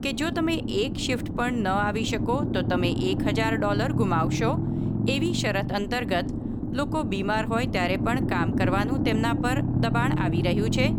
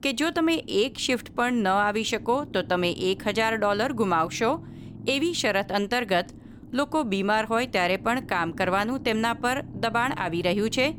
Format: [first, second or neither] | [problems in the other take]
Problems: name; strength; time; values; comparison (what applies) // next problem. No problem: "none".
second | low rumble; loud; throughout; 7 dB below the speech; faint in the second